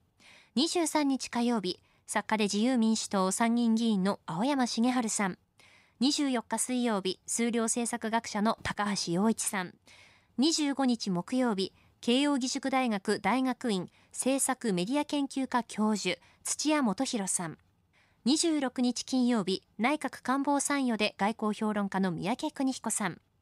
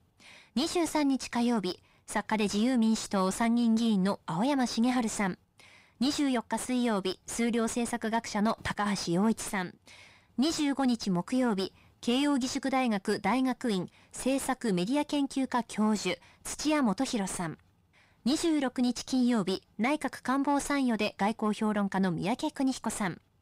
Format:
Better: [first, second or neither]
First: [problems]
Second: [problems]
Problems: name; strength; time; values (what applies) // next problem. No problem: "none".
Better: first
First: none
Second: distortion; slight; 10 dB below the speech